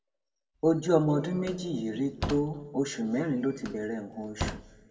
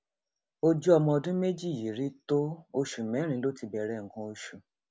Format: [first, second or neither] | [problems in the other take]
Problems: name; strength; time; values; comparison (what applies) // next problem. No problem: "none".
second | background sound (Slam); 11 dB below the speech // room echo; dies away in 1.3 s